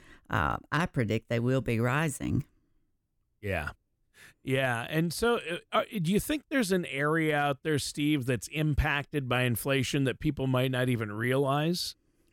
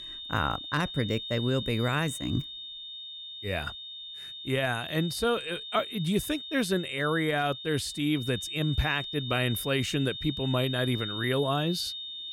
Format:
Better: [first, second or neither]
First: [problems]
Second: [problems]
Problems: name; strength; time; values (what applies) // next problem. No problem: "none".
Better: first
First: none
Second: high-pitched whine; loud; throughout; 3.5 kHz, 7 dB below the speech